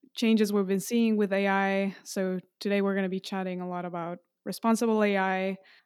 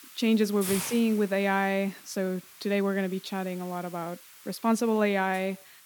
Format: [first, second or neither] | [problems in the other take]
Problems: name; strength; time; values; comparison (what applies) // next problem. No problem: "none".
first | hiss; noticeable; throughout; 15 dB below the speech